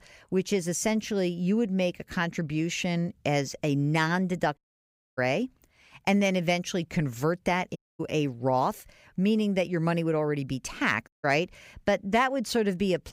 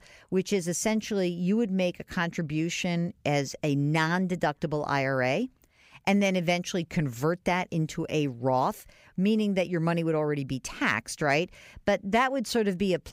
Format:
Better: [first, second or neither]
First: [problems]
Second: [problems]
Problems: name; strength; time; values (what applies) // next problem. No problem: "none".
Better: second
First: audio cutting out; at 4.5 s for 0.5 s, at 8 s and at 11 s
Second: none